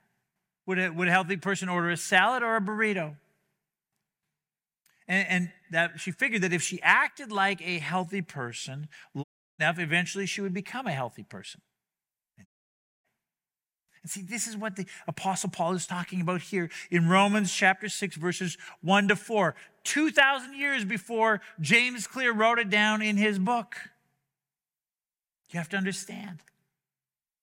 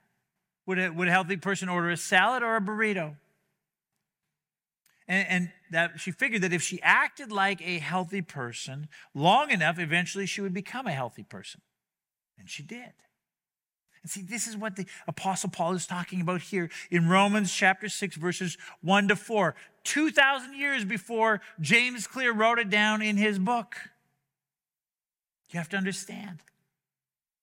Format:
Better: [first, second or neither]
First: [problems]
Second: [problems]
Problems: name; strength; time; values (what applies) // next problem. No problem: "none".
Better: second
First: audio cutting out; at 9 s and at 12 s for 0.5 s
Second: none